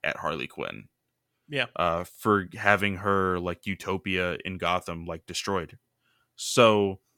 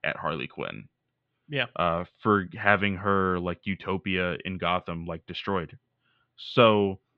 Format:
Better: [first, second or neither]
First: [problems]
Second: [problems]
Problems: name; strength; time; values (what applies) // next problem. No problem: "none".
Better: first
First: none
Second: muffled; very; fading above 3.5 kHz